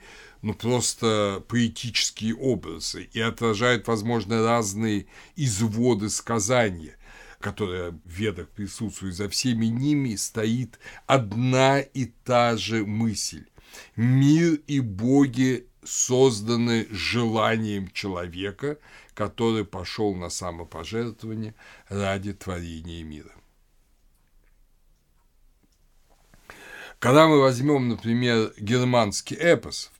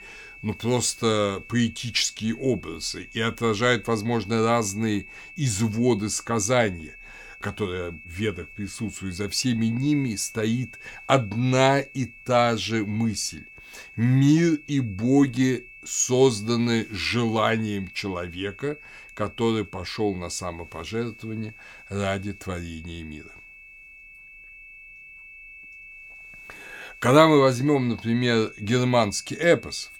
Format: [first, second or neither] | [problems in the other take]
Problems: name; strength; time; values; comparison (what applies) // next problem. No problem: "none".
first | high-pitched whine; noticeable; throughout; 2.5 kHz, 20 dB below the speech